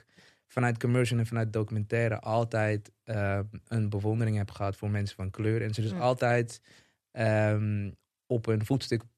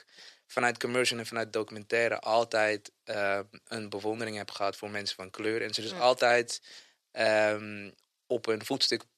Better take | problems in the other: first | thin; very; fading below 400 Hz

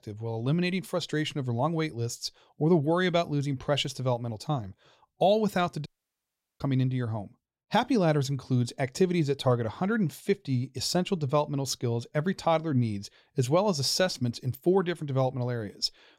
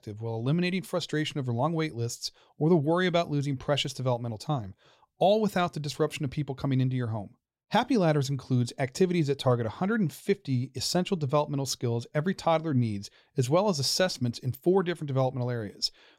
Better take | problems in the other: second | audio cutting out; at 6 s for 0.5 s

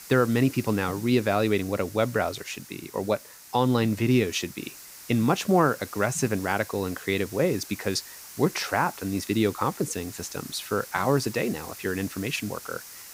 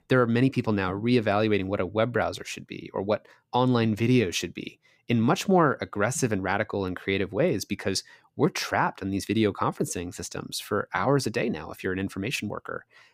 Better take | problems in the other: second | hiss; noticeable; throughout; 15 dB below the speech

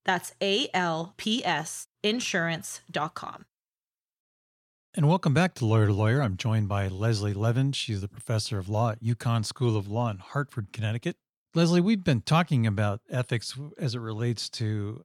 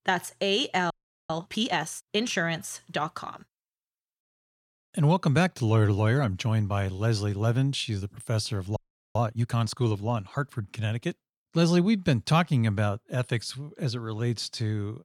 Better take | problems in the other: first | audio freezing; at 1 s and at 9 s

